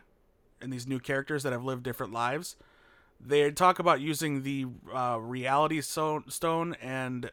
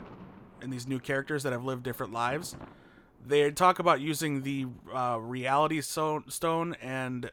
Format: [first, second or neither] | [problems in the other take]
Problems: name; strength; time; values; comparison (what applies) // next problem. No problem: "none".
first | rain or running water; faint; throughout; 25 dB below the speech